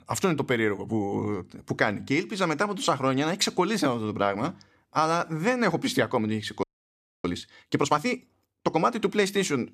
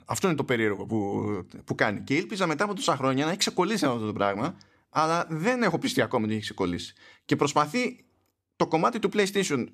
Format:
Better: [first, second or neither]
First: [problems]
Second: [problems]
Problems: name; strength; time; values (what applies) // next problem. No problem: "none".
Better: second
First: audio freezing; at 6.5 s for 0.5 s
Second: none